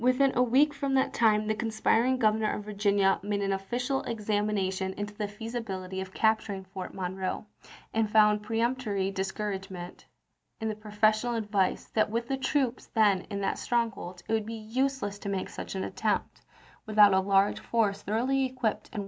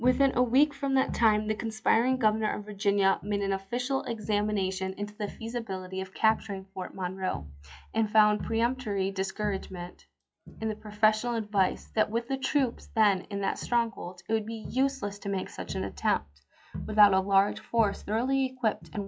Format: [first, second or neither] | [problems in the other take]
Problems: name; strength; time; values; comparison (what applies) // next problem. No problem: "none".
first | noise reduction (classical method log-MMSE)